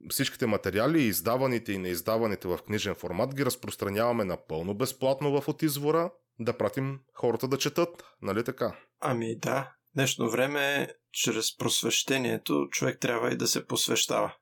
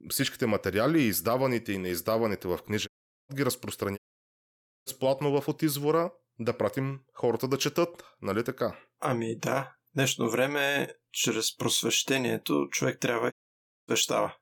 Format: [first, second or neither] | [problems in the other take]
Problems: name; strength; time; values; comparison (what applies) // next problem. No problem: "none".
first | audio cutting out; at 3 s, at 4 s for 1 s and at 13 s for 0.5 s